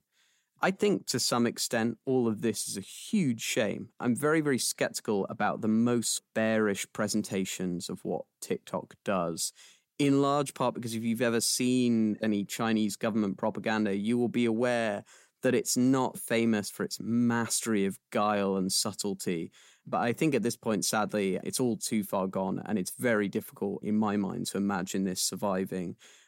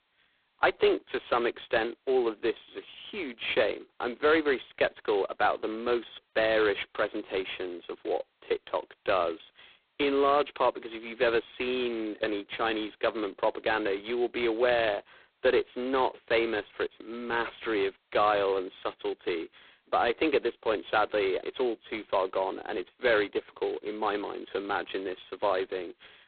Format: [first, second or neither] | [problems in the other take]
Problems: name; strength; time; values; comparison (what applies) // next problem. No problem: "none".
first | phone-call audio; poor line; nothing above 4 kHz